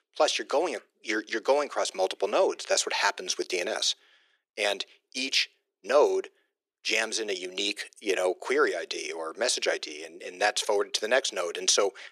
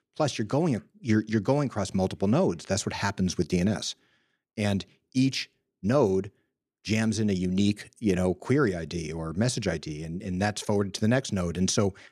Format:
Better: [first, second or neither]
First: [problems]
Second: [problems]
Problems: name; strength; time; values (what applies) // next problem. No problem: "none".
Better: second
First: thin; very; fading below 400 Hz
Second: none